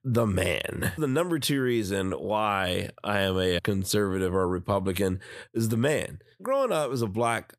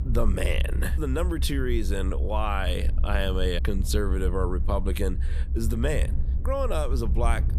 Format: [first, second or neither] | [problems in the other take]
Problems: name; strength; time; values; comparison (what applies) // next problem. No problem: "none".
first | low rumble; noticeable; throughout; 15 dB below the speech